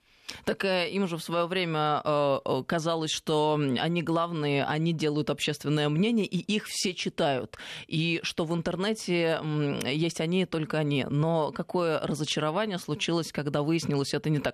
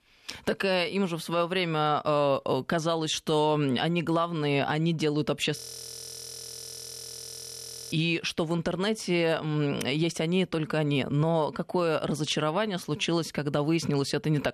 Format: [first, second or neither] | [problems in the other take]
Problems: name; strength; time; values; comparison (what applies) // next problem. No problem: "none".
first | audio freezing; at 5.5 s for 2.5 s